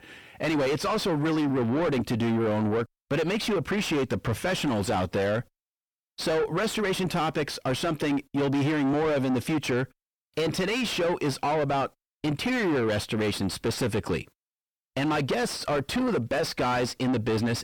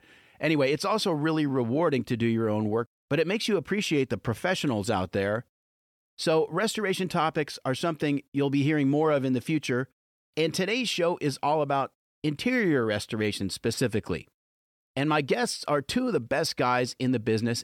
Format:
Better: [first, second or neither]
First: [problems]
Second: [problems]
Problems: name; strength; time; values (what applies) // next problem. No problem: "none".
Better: second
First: distortion; heavy; 7 dB below the speech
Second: none